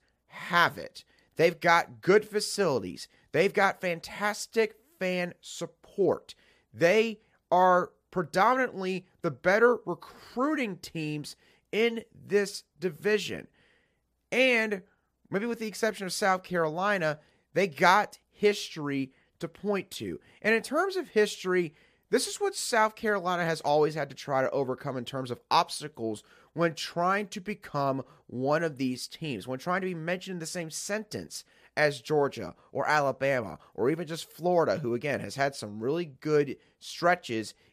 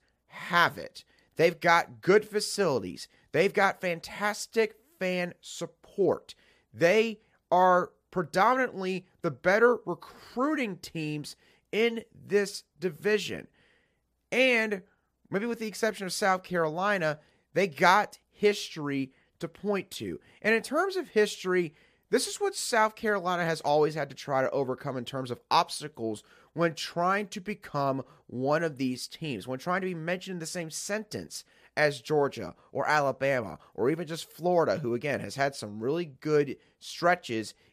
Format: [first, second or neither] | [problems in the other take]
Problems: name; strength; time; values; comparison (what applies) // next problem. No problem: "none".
neither | none